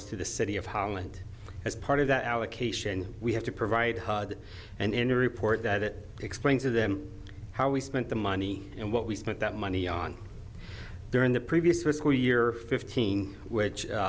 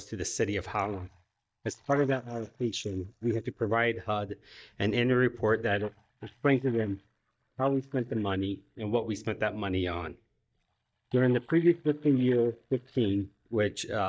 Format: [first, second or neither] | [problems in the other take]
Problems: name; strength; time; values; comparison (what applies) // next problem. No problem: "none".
first | noise reduction (neural mask model DeepFilterNet 3)